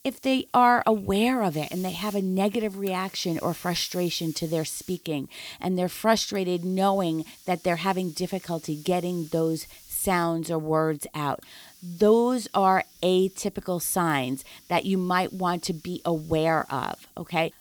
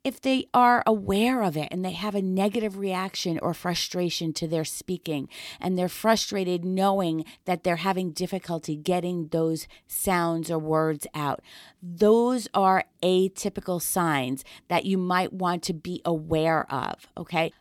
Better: second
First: hiss; faint; throughout; 20 dB below the speech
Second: none

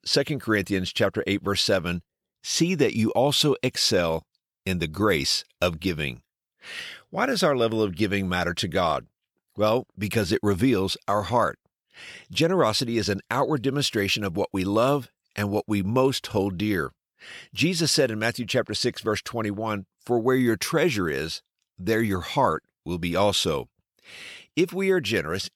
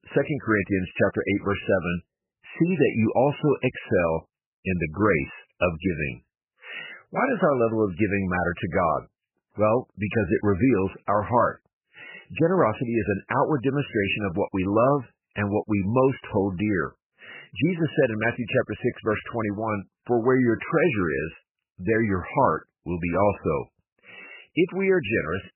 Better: first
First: none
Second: garbled, watery; badly; nothing above 3 kHz

